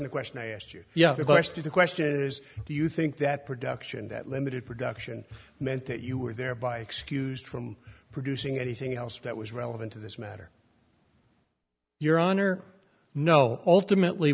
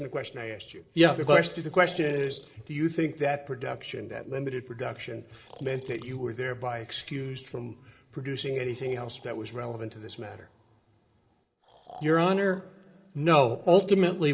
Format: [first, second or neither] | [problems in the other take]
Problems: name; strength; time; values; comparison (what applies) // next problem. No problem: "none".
first | noise reduction (neural separator model SepFormer DNS4)